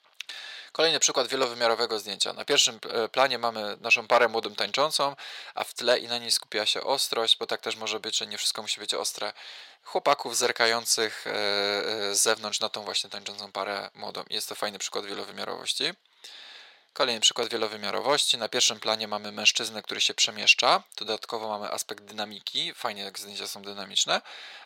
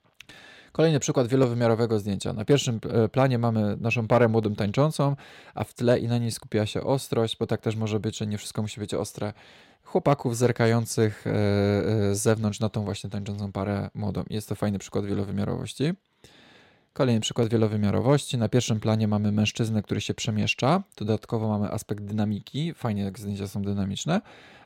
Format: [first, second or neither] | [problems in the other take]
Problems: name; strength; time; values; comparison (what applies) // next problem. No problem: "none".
second | thin; very; fading below 800 Hz